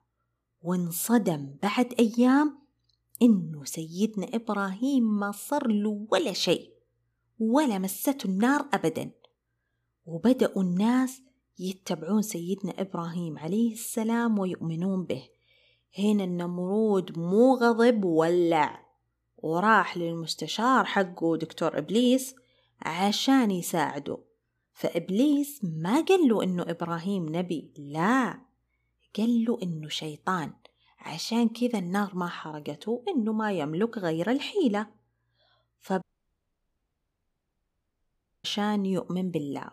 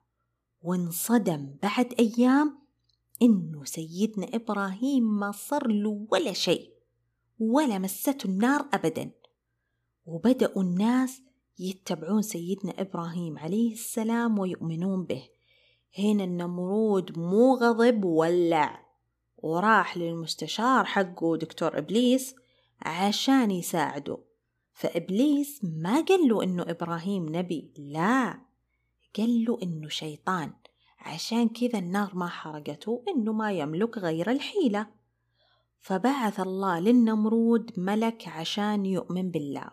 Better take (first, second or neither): second